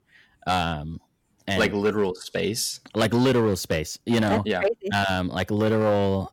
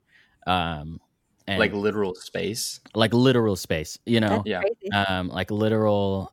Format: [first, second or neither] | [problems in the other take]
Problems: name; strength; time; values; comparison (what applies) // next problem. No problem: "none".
second | distortion; slight; 6% of the sound clipped